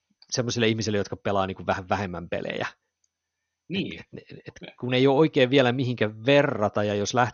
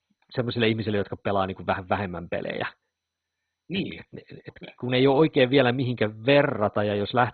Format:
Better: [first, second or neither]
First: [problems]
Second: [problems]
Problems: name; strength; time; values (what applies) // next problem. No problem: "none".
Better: first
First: garbled, watery; slightly; nothing above 6.5 kHz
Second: garbled, watery; badly; nothing above 4 kHz